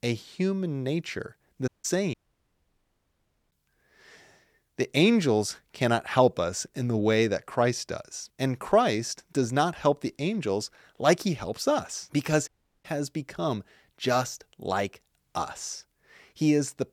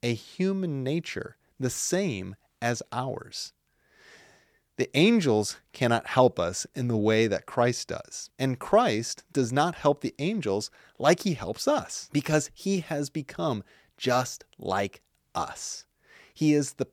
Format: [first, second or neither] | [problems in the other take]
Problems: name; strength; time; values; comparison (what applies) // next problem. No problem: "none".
second | audio cutting out; at 1.5 s, at 2 s for 1.5 s and at 12 s